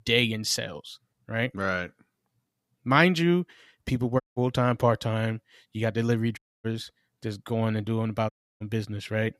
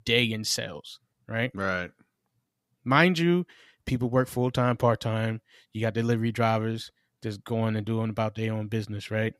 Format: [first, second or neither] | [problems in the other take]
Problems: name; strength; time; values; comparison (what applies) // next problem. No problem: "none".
second | audio cutting out; at 4 s, at 6.5 s and at 8.5 s